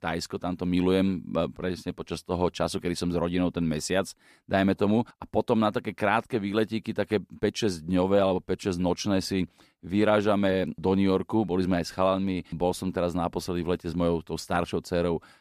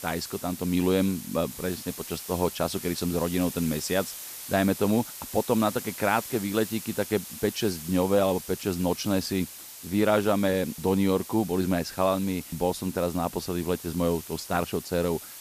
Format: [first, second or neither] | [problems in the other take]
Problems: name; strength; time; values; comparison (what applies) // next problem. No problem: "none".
first | hiss; noticeable; throughout; 10 dB below the speech